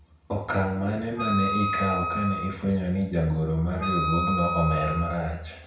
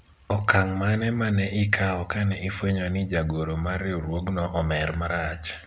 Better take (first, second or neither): second